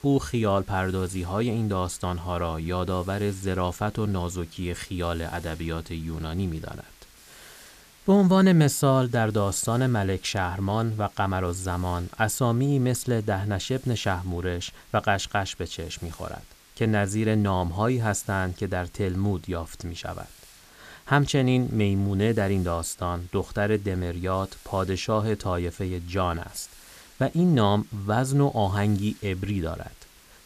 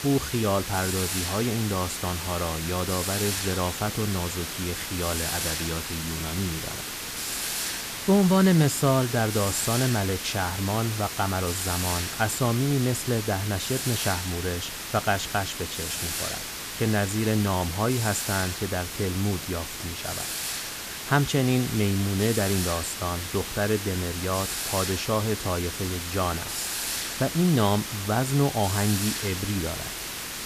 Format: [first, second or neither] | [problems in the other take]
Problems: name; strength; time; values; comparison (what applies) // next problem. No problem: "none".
first | hiss; loud; throughout; 4 dB below the speech; faint in the first